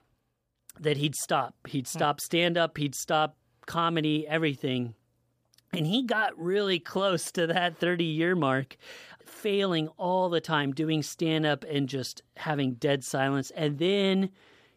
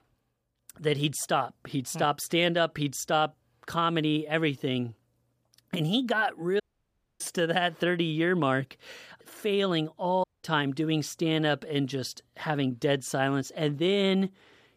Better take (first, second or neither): first